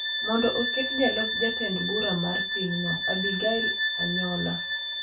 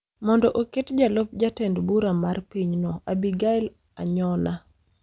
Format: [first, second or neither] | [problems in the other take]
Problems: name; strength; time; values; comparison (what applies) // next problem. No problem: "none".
second | background sound (Bowed string instrument); 1 dB above the speech // room echo; dies away in 0.3 s